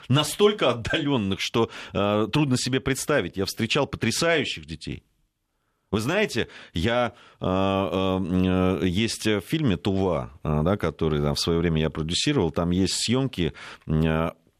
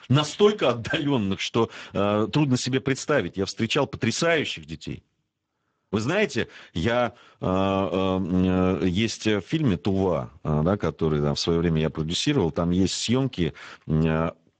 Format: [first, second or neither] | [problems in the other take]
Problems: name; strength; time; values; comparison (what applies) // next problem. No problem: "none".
first | garbled, watery; badly; nothing above 8 kHz